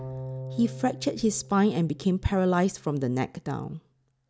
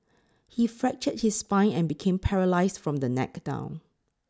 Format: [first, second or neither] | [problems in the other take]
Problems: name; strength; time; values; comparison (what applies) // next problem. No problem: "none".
second | background sound (Bowed string instrument); 14 dB below the speech